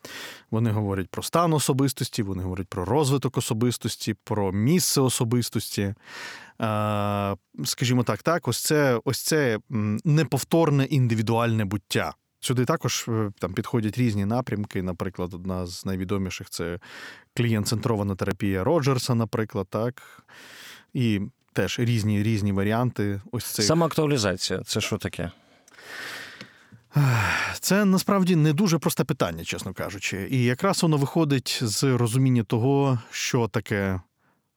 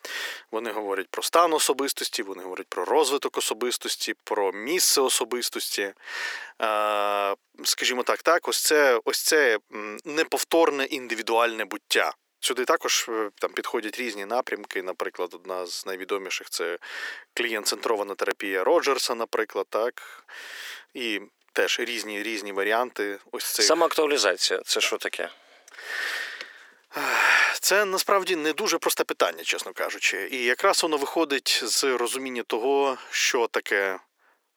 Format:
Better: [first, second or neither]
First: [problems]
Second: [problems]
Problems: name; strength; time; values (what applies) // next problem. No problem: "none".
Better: first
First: none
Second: thin; very; fading below 350 Hz